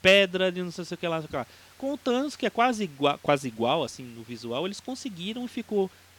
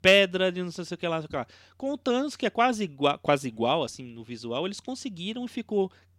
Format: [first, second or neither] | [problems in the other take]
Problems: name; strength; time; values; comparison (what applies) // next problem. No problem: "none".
second | hiss; faint; throughout; 25 dB below the speech